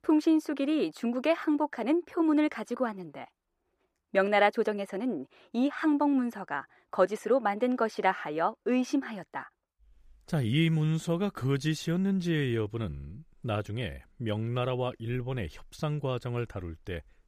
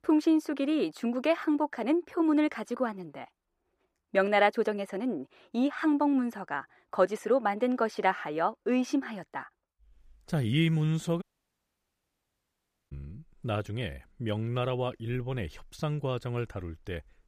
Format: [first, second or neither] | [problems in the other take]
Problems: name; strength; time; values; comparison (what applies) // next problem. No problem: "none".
first | audio cutting out; at 11 s for 1.5 s